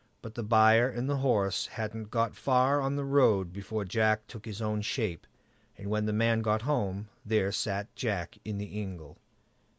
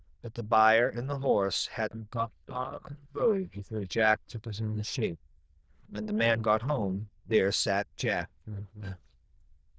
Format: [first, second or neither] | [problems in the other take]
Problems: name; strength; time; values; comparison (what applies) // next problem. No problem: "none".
first | noise reduction (neural diffusion model UNIVERSE++)